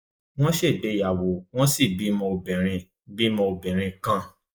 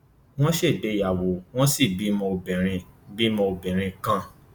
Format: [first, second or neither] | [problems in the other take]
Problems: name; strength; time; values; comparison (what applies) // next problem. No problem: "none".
second | noise reduction (neural mask model Resemble Enhance denoiser)